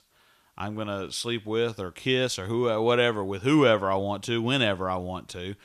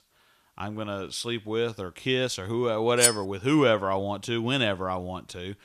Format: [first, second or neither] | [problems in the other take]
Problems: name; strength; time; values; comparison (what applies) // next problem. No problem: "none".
first | clattering dishes; loud; at 3 s; peak 5 dB above the speech